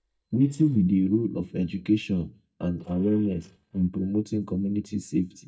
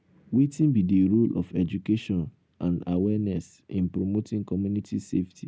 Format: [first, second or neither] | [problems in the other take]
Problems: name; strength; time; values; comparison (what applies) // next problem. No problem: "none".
second | noise reduction (neural mask model DeepFilterNet 3)